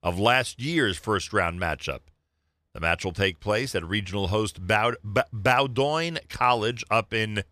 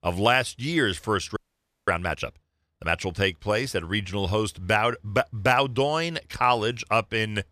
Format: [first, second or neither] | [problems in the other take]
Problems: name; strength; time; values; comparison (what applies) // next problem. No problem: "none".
first | audio freezing; at 1.5 s for 0.5 s